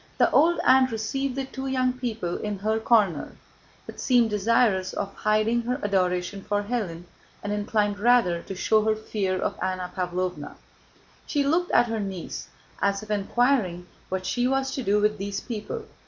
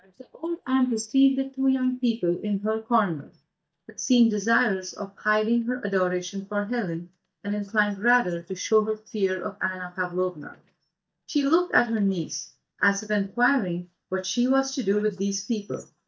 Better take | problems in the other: first | noise reduction (neural mask model DeepFilterNet 3)

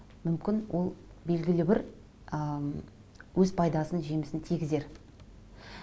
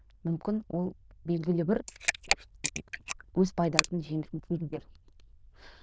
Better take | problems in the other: first | noise reduction (neural diffusion model UNIVERSE++)

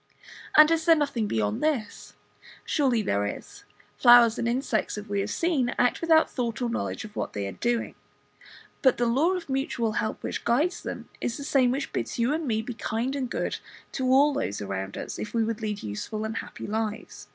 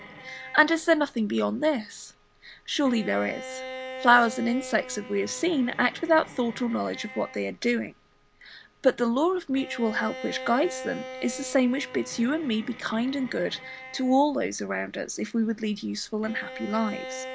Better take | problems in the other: first | background sound (Bowed string instrument); 15 dB below the speech

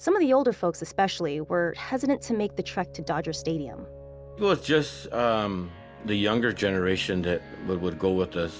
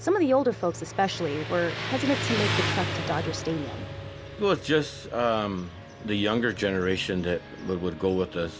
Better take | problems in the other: first | background sound (Motorcycle); 7 dB below the speech

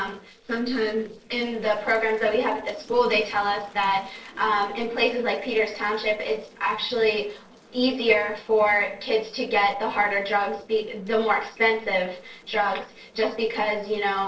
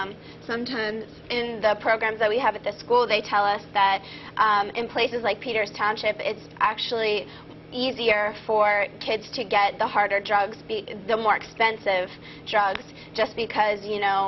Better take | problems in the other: second | noise reduction (neural separator model SepFormer DNS4)

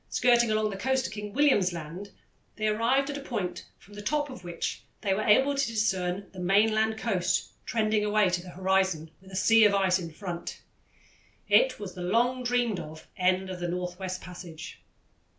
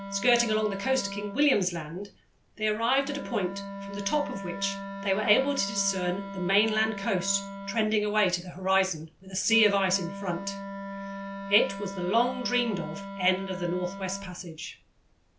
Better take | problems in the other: first | background sound (Wind instrument, woodwind instrument); 10 dB below the speech

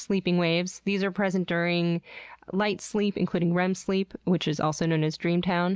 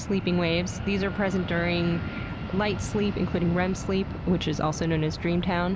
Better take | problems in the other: first | background sound (Fixed-wing aircraft, airplane); 6 dB below the speech

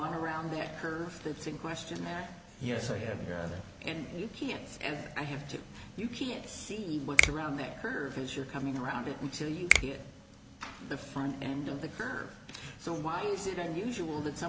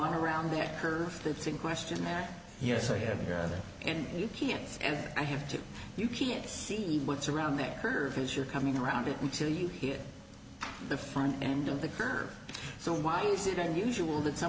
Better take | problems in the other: second | background sound (Finger snapping); 4 dB above the speech

